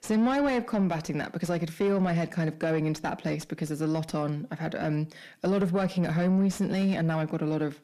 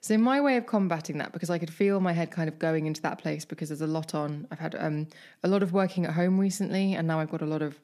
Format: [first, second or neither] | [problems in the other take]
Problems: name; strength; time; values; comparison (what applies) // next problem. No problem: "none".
second | distortion; slight; 10 dB below the speech